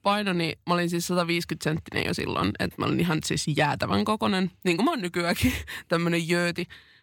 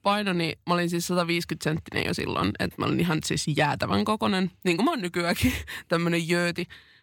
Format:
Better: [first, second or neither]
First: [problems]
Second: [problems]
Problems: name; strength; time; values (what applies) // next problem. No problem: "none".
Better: neither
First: none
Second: none